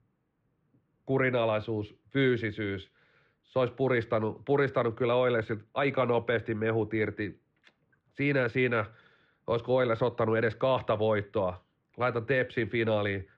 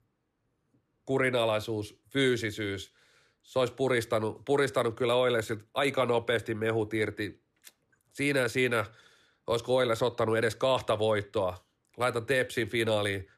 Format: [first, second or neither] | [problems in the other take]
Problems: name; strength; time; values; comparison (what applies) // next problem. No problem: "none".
second | muffled; slightly; fading above 3 kHz